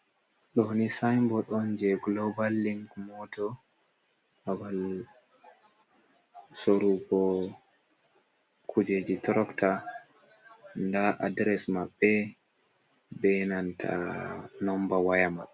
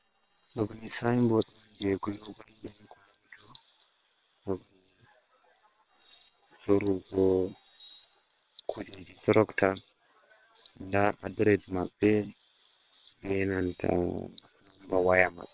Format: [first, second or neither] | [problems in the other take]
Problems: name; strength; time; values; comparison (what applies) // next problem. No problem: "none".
first | noise reduction (neural separator model SepFormer WHAM!)